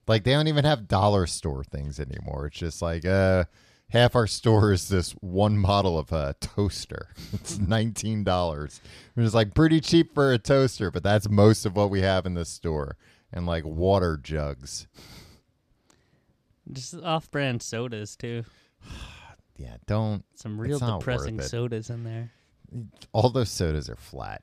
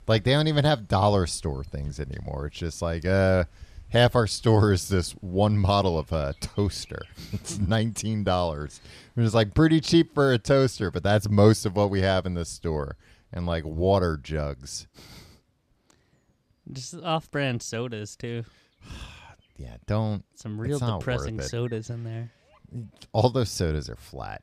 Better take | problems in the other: first | animal sounds; faint; throughout; 30 dB below the speech

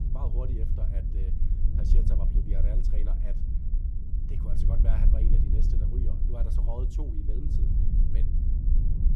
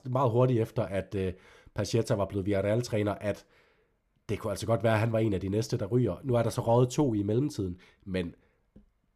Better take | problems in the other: second | low rumble; loud; throughout; as loud as the speech

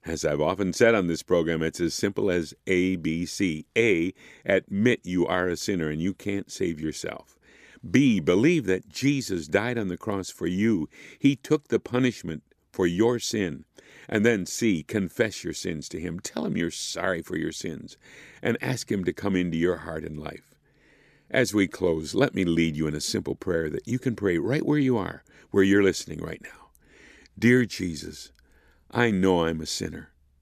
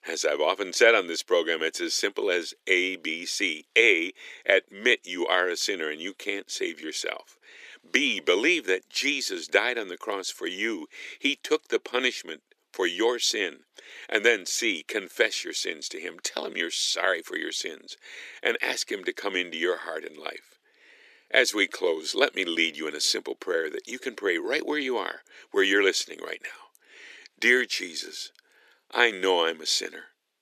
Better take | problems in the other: first | thin; very; fading below 400 Hz

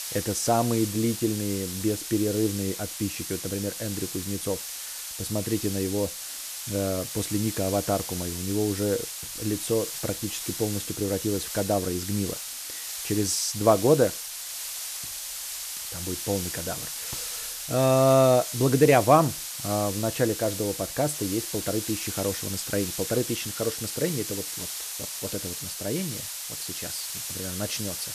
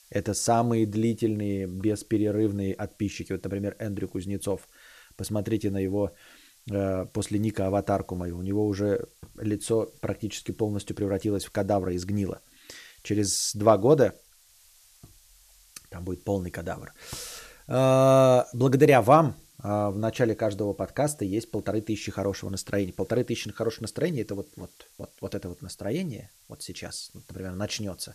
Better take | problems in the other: second | hiss; loud; throughout; 5 dB below the speech; faint in the second

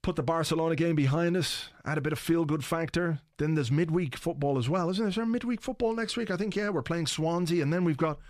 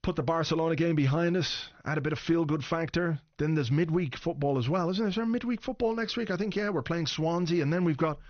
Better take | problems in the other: first | garbled, watery; slightly; nothing above 6.5 kHz

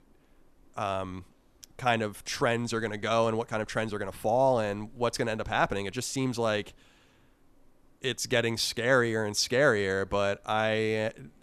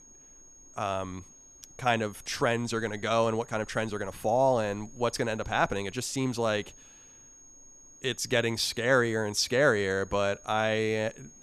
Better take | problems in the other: first | high-pitched whine; faint; throughout; 6.5 kHz, 25 dB below the speech

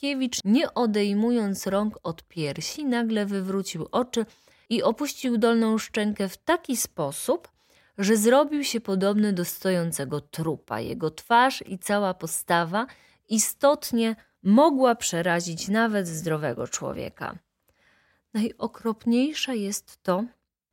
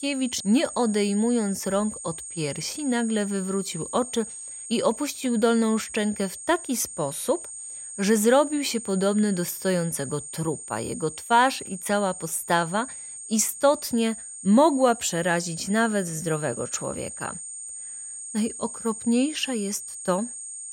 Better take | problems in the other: first | high-pitched whine; loud; throughout; 8.5 kHz, 10 dB below the speech

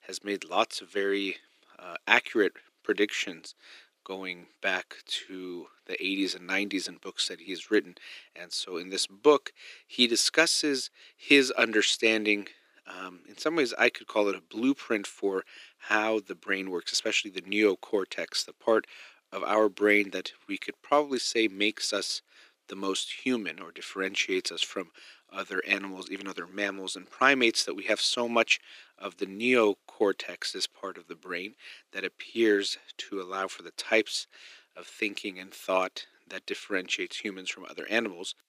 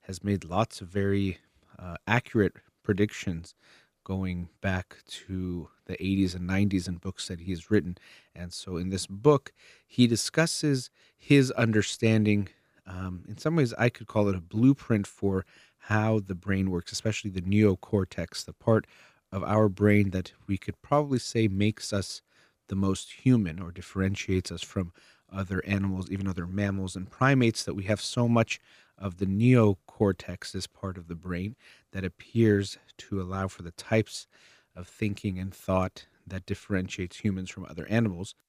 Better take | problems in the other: second | thin; somewhat; fading below 300 Hz

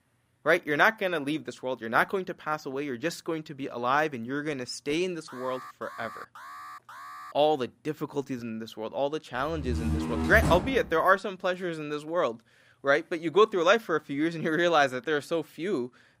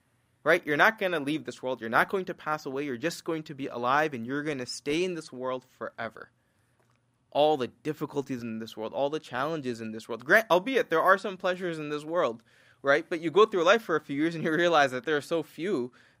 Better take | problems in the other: second | alarm; faint; from 5.5 to 7.5 s; peak 15 dB below the speech // door banging; loud; from 9.5 to 11 s; peak level with the speech

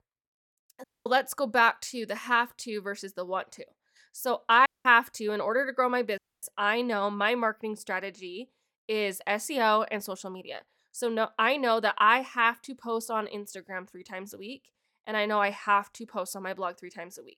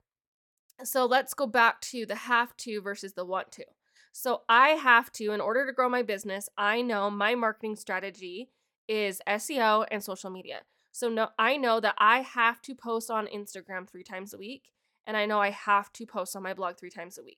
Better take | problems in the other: second | audio cutting out; at 1 s, at 4.5 s and at 6 s

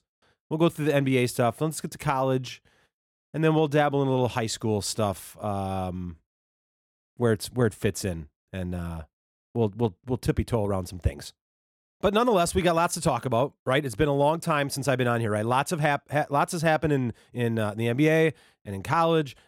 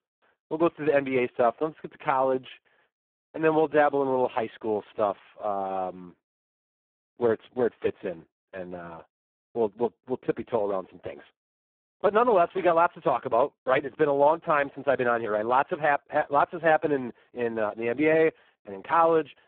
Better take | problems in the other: first | phone-call audio; poor line; nothing above 3.5 kHz

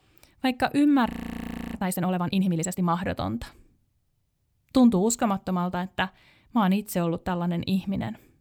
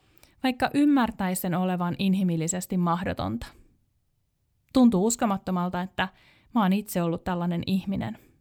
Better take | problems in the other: second | audio freezing; at 1 s for 0.5 s

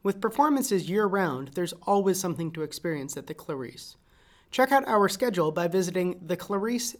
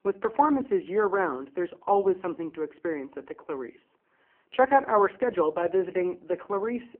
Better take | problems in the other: first | phone-call audio; poor line

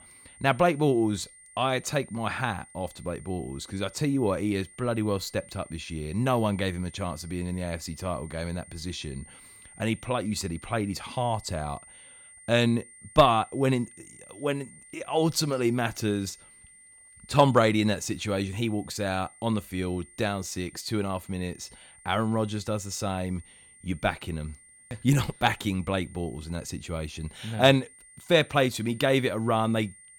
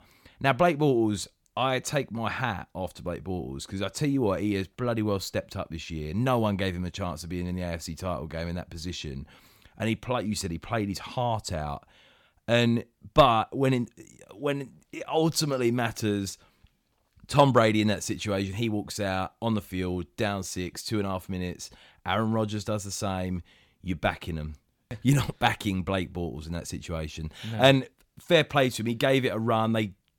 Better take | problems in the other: second | high-pitched whine; faint; throughout; 9 kHz, 20 dB below the speech

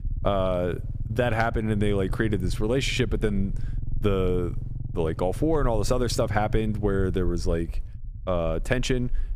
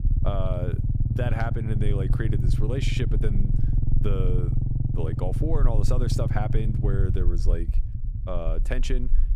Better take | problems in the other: first | low rumble; loud; throughout; 5 dB below the speech; faint in the first

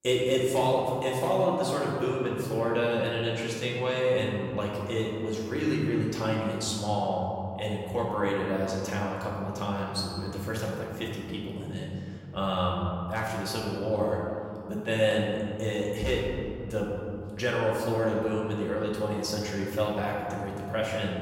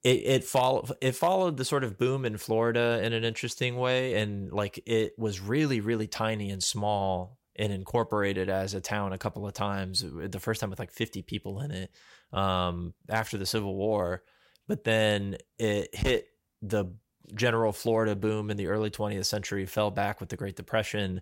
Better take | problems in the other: second | room echo; noticeable; dies away in 2.4 s // off-mic speech; far

